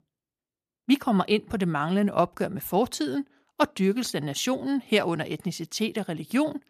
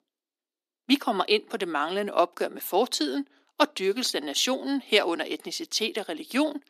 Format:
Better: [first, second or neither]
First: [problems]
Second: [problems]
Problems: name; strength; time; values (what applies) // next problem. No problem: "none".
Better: first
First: none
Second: thin; very slightly; fading below 250 Hz